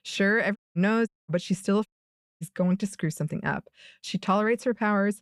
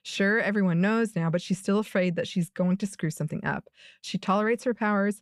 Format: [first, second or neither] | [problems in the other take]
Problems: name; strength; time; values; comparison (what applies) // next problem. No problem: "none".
second | audio cutting out; at 0.5 s, at 1 s and at 2 s for 0.5 s